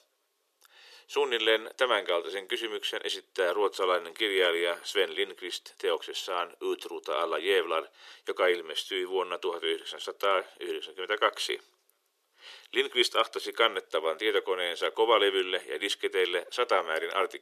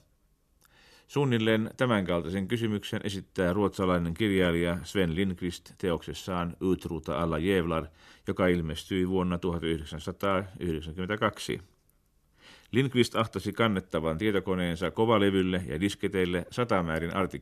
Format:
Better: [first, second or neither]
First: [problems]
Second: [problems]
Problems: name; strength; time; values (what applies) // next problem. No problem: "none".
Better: second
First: thin; very; fading below 400 Hz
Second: none